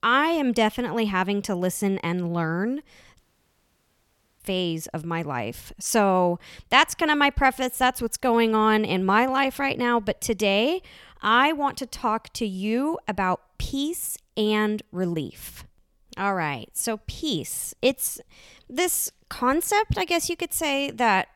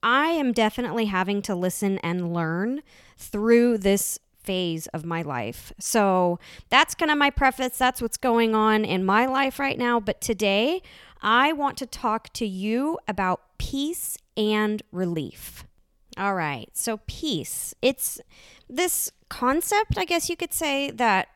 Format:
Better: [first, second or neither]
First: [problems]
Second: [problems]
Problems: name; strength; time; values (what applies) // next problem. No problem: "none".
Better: second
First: audio cutting out; at 3 s for 1 s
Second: none